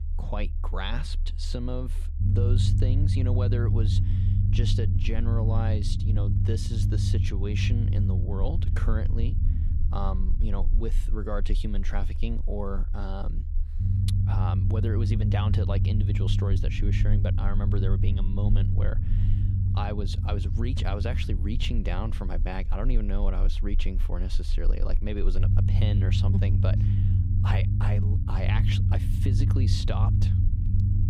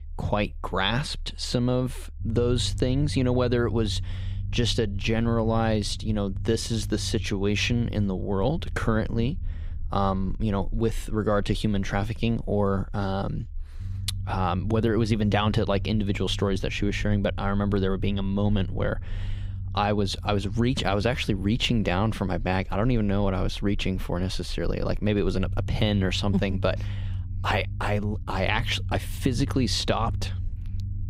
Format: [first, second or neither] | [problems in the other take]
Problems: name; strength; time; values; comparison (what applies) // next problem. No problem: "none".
second | low rumble; loud; throughout; 3 dB below the speech; faint in the second